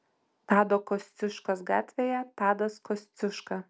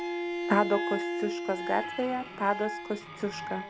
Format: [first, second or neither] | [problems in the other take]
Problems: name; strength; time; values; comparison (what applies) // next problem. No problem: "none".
first | background sound (Wind instrument, woodwind instrument + Bowed string instrument); 3 dB below the speech